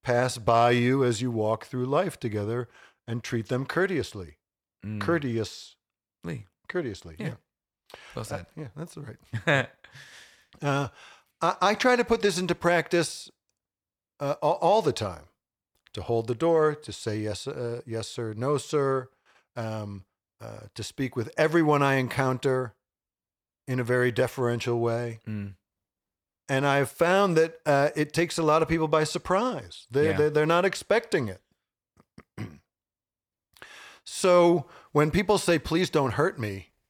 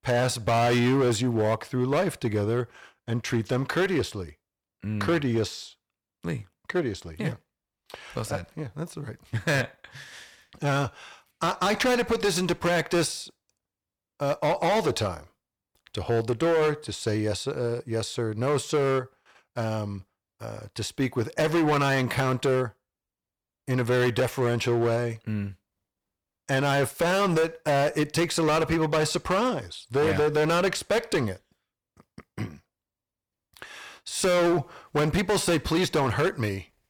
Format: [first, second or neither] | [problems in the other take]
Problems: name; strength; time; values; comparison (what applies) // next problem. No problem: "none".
first | distortion; heavy; 12% of the sound clipped